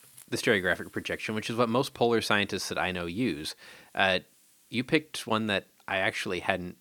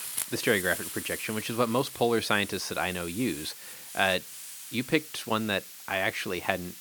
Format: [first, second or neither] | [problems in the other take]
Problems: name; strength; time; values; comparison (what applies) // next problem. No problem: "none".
first | hiss; loud; throughout; 9 dB below the speech; faint in the first